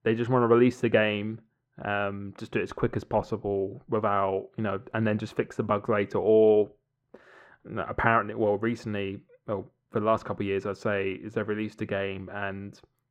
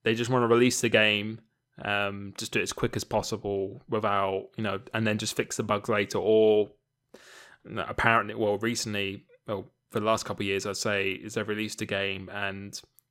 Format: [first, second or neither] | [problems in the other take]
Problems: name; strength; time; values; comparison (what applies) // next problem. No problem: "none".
second | muffled; very; fading above 3 kHz